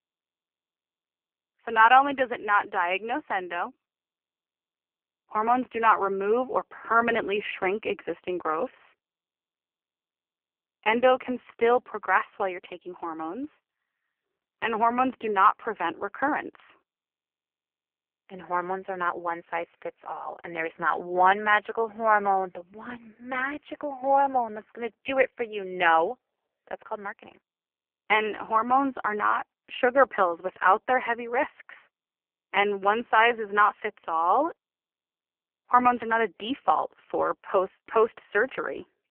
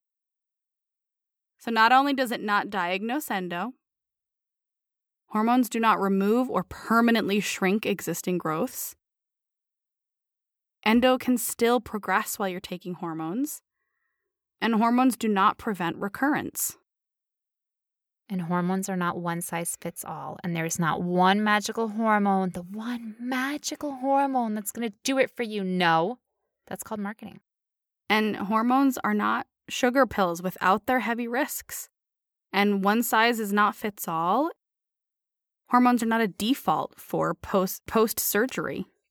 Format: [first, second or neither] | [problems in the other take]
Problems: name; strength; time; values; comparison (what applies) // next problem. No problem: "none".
second | phone-call audio; poor line; nothing above 3 kHz